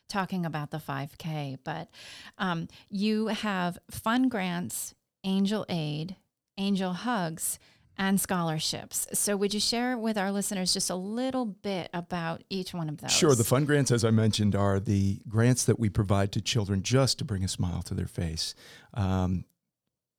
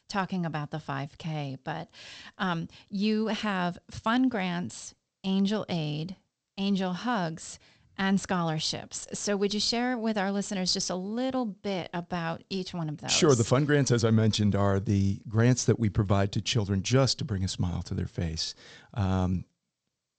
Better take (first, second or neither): first